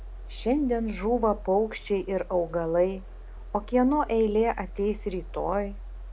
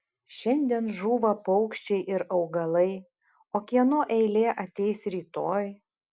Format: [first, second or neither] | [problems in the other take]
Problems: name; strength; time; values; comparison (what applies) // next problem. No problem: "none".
second | background sound (Mechanisms); 12 dB below the speech